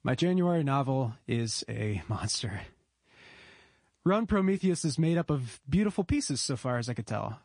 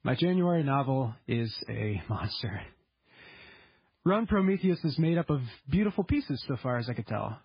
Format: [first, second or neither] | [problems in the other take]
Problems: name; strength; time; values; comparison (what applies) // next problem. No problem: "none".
first | garbled, watery; badly; nothing above 5 kHz; slightly in the first